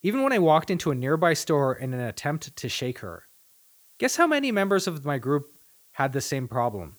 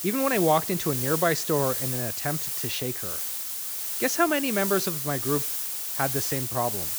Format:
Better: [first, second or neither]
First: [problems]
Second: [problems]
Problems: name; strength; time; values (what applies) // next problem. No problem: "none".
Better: first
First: hiss; faint; throughout; 30 dB below the speech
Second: hiss; loud; throughout; 1 dB below the speech